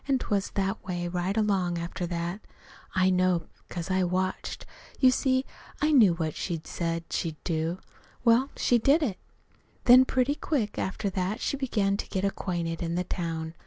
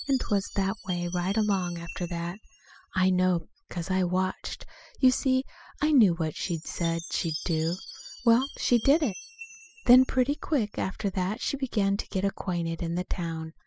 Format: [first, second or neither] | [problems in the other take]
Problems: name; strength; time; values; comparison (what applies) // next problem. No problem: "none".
first | noise reduction (classical method spectral subtraction)